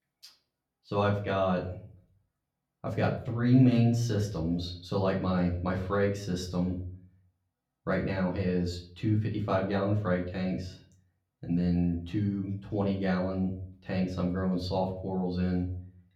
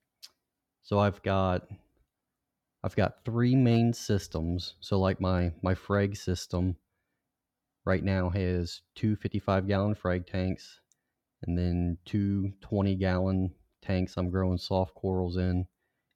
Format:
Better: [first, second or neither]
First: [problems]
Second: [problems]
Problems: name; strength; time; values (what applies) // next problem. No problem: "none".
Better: second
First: off-mic speech; far // room echo; very slight; dies away in 0.4 s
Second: none